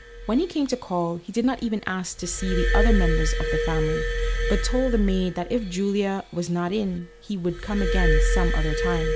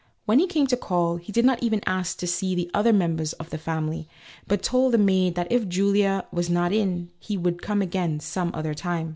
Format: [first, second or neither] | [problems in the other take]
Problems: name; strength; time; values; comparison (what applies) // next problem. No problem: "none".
second | background sound (Glass); 1 dB above the speech